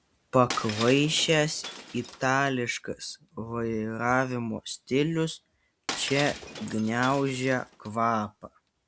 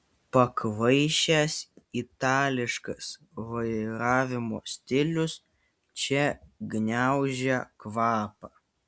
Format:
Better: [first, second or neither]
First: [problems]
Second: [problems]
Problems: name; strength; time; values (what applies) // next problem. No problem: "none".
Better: second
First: background sound (Shatter); 12 dB below the speech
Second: none